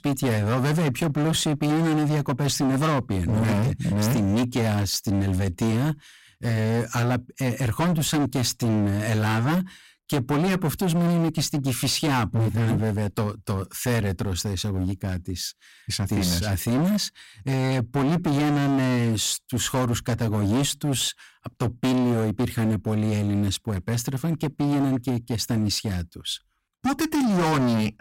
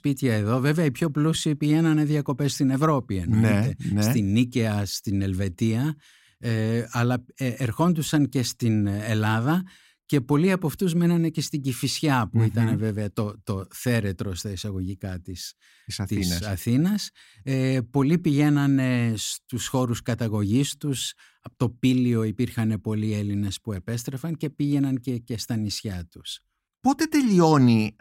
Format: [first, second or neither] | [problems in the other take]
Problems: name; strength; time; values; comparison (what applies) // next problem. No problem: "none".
second | distortion; heavy; 26% of the sound clipped